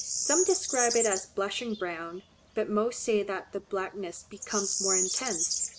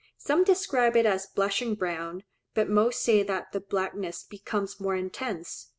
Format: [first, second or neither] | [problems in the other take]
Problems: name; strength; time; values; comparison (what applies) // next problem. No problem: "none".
second | background sound (Bird vocalization, bird call, bird song); 2 dB below the speech